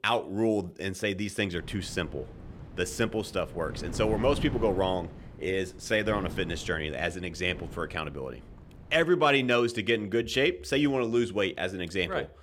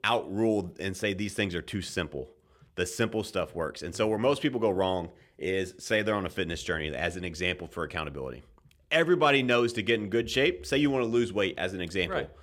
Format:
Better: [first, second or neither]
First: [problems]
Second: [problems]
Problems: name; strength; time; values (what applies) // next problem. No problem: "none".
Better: second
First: wind noise on the microphone; occasional gusts; from 1.5 to 9 s; 20 dB below the speech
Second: none